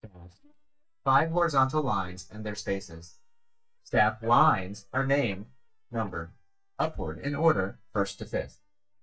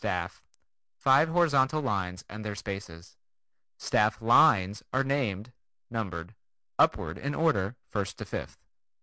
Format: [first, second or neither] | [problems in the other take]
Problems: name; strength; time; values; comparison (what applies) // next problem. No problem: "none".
second | noise reduction (neural mask model DeepFilterNet 3)